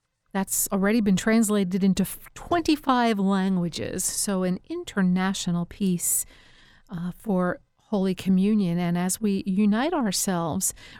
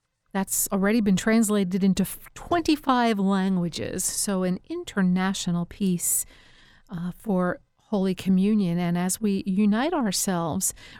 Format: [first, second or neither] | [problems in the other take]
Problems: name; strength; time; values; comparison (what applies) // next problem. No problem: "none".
neither | none